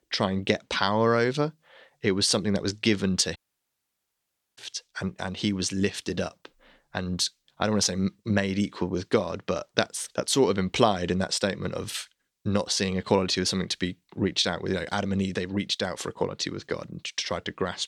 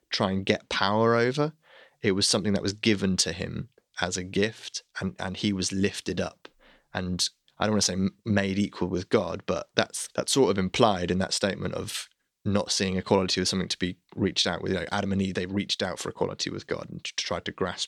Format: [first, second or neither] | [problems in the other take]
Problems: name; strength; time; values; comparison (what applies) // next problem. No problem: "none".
second | audio cutting out; at 3.5 s for 1 s